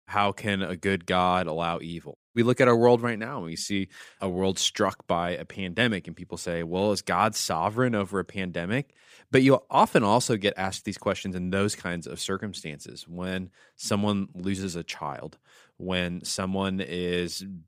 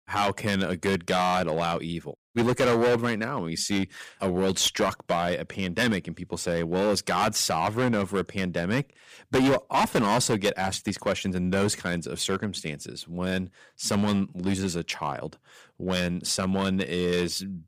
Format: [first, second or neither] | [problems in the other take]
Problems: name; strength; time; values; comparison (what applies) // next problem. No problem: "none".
first | distortion; heavy; 8% of the sound clipped